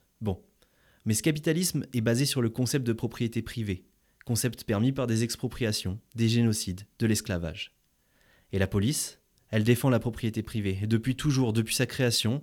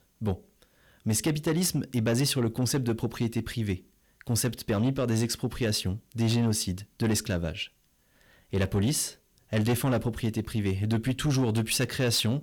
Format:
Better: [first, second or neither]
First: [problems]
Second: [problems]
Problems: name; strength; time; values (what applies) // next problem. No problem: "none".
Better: first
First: none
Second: distortion; slight; 10 dB below the speech